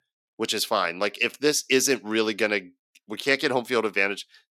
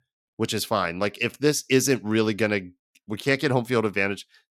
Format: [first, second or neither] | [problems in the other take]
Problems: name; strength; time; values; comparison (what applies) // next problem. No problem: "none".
second | thin; very slightly; fading below 300 Hz